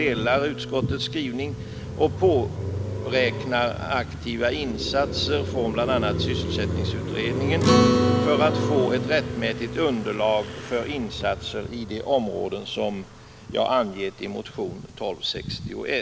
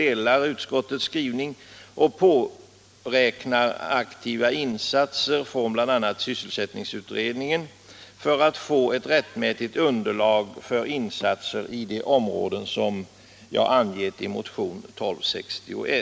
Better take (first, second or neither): second